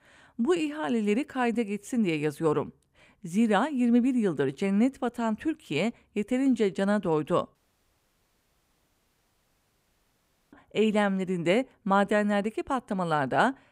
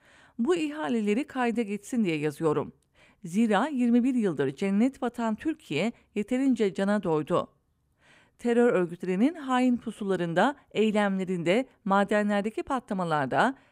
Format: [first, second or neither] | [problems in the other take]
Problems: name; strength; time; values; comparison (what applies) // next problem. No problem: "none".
second | audio cutting out; at 7.5 s for 3 s